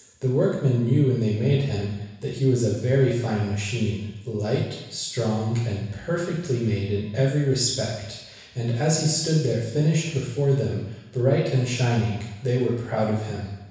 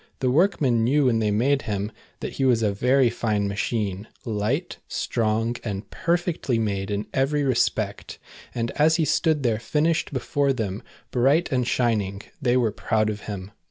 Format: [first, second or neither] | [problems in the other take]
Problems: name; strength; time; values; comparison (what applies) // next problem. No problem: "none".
second | room echo; dies away in 1.1 s